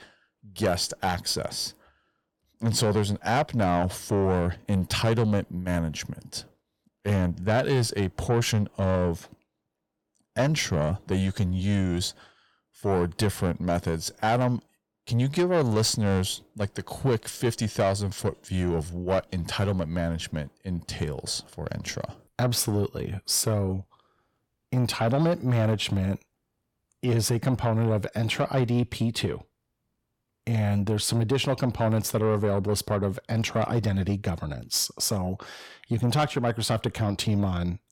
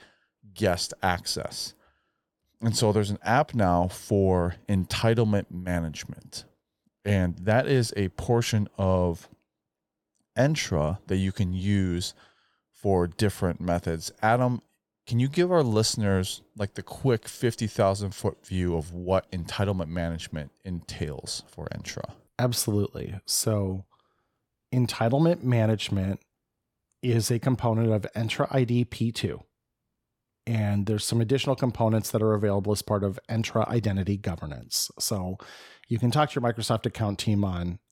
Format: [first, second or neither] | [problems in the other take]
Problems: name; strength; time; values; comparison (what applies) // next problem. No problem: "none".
second | distortion; slight; 10 dB below the speech